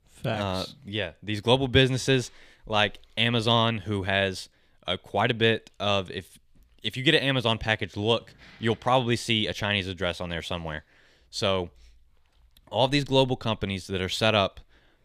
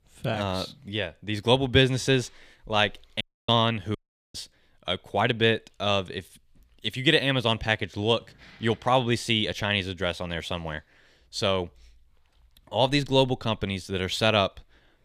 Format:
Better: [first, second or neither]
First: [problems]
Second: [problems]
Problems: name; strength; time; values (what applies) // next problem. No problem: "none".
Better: first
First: none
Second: audio cutting out; at 3 s and at 4 s